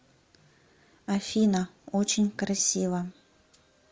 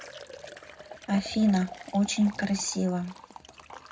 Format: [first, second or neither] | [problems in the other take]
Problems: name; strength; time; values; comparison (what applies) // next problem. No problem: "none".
first | background sound (Liquid); 16 dB below the speech // room echo; dies away in 0.3 s